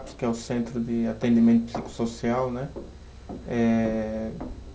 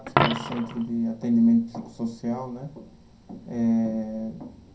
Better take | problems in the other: first | background sound (Coin (dropping)); 6 dB below the speech // room echo; dies away in 0.3 s

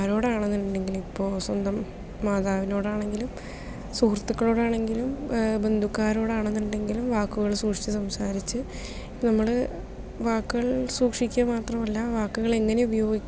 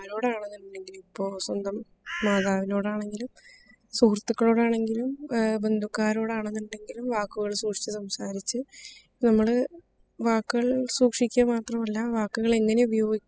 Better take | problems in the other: first | noise reduction (classical method spectral subtraction)

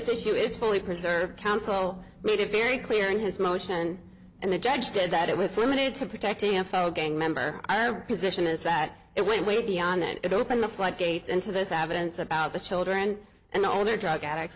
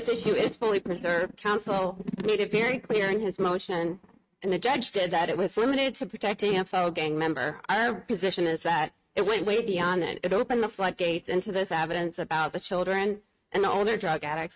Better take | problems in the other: first | noise reduction (neural mask model RNNoise)

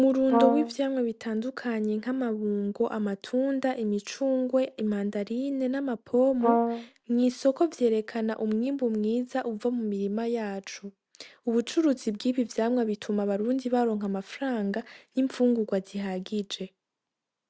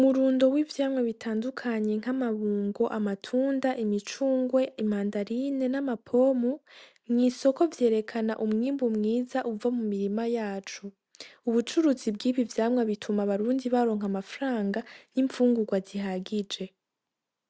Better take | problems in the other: second | background sound (Brass instrument); 1 dB above the speech

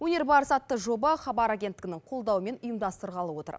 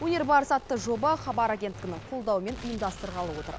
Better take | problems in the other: first | background sound (Gunshot, gunfire); 14 dB below the speech

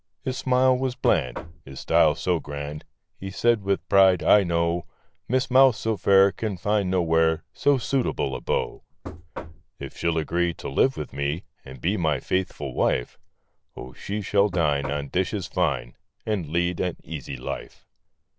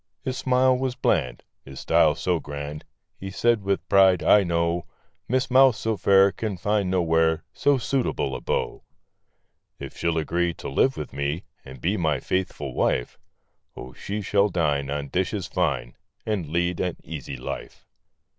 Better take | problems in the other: second | background sound (Knock); 13 dB below the speech

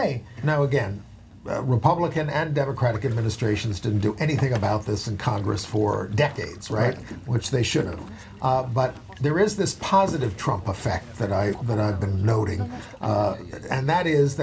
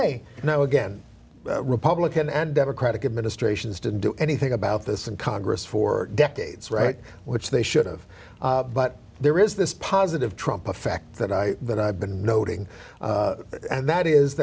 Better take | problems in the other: second | background sound (Boat, Water vehicle); 18 dB below the speech // room echo; dies away in 0.2 s

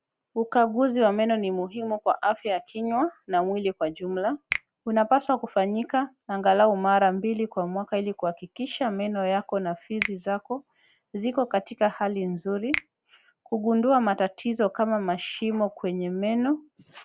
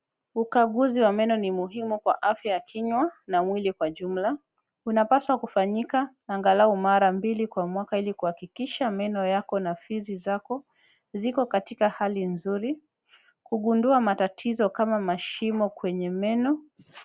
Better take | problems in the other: second | background sound (Finger snapping); 14 dB below the speech

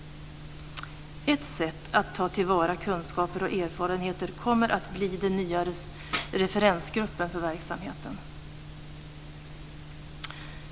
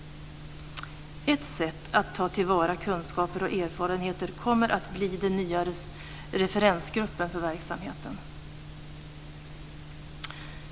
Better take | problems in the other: second | background sound (Tambourine); 10 dB below the speech

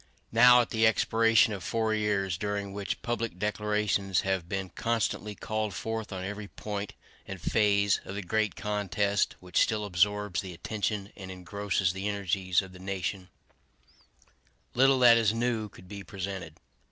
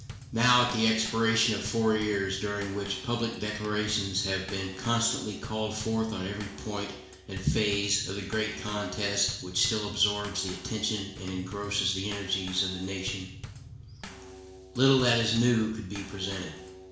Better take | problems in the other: first | background sound (Bass drum / Snare drum / Drum kit); 14 dB below the speech // room echo; dies away in 0.7 s

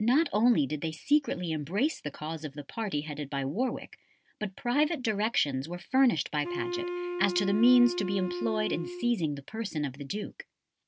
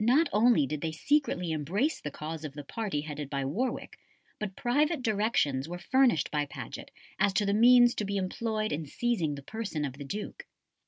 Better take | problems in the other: second | background sound (Wind instrument, woodwind instrument); 6 dB below the speech

